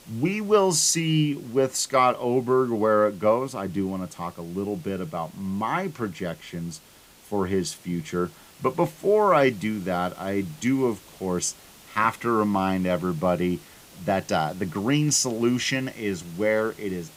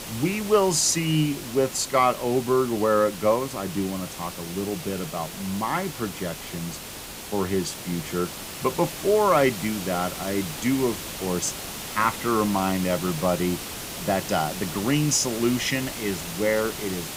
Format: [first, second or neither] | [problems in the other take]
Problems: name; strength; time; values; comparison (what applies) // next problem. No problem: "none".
first | hiss; loud; throughout; 9 dB below the speech; faint in the first